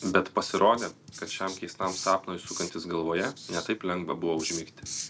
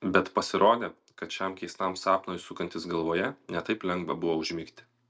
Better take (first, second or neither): second